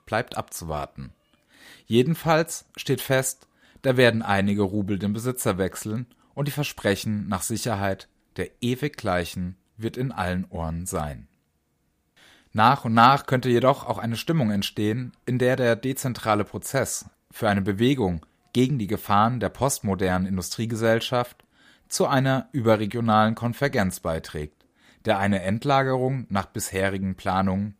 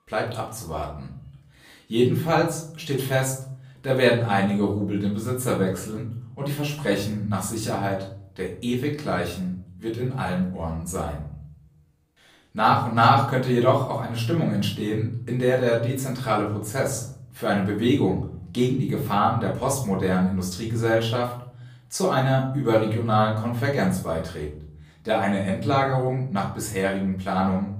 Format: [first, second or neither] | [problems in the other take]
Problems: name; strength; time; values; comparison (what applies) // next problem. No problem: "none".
first | off-mic speech; far // room echo; slight; dies away in 0.6 s